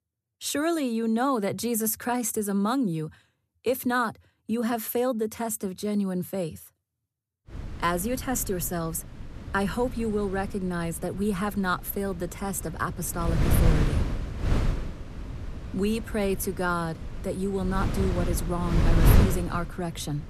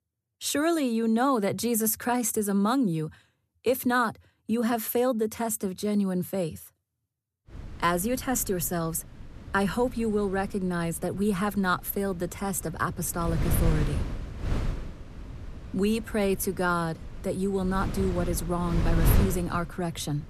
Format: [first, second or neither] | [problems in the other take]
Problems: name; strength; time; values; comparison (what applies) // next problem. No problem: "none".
second | wind noise on the microphone; heavy; from 7.5 s on; 7 dB below the speech; occasional gusts in the second